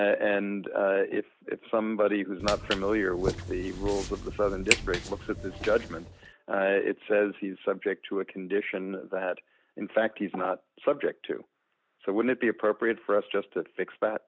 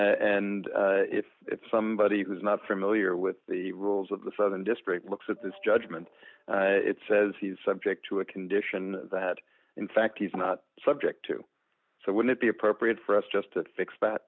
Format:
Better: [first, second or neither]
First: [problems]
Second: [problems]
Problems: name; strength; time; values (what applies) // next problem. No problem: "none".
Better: second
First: background sound (Walk, footsteps); 6 dB below the speech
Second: none